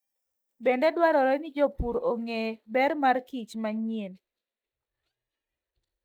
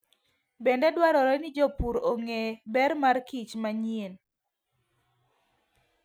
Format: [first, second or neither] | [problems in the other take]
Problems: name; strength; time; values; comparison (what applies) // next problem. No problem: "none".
second | noise reduction (neural mask model DeepFilterNet 3)